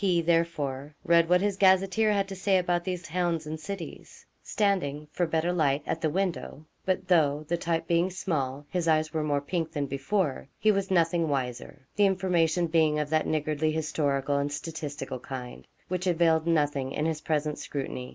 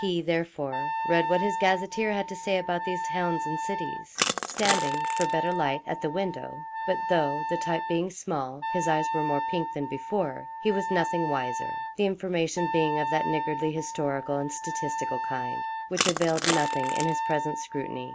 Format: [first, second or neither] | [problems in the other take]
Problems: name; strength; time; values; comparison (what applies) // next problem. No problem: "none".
first | background sound (Wind instrument, woodwind instrument + Crushing); 2 dB below the speech